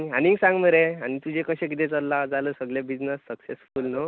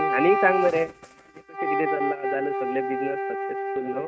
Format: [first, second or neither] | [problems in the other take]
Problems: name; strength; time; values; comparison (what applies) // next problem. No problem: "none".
first | noise reduction (neural mask model RNNoise)